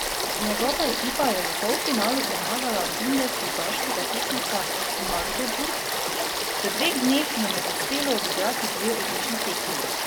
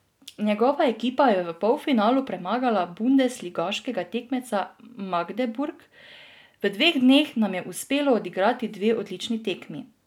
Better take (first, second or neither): second